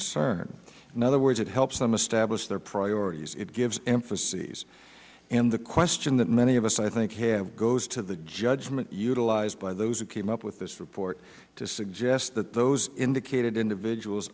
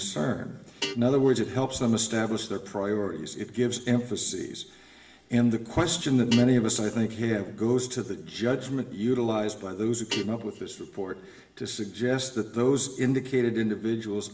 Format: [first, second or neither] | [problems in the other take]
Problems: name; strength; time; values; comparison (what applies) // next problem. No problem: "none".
first | background sound (Guitar); 16 dB below the speech // room echo; dies away in 0.7 s